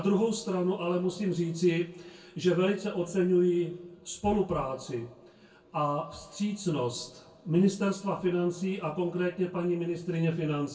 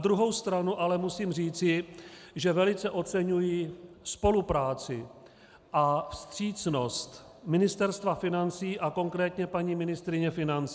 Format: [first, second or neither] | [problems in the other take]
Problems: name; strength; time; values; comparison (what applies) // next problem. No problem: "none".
second | room echo; dies away in 0.2 s